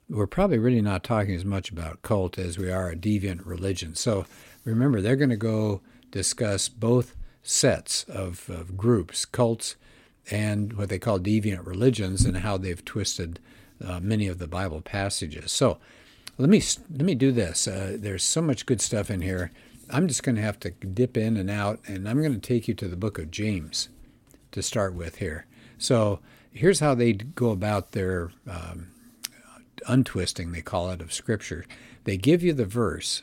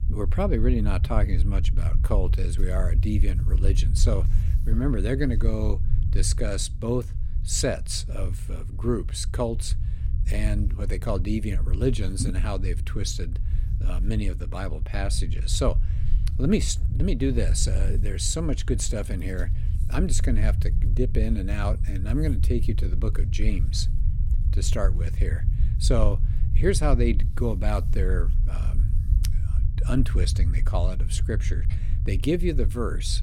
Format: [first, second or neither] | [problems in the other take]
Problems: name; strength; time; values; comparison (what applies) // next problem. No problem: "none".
first | low rumble; noticeable; throughout; 15 dB below the speech